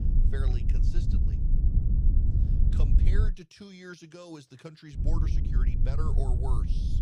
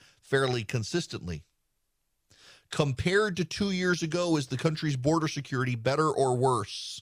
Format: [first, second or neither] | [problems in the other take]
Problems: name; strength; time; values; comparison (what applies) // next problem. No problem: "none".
second | low rumble; loud; until 3.5 s and from 5 s on; as loud as the speech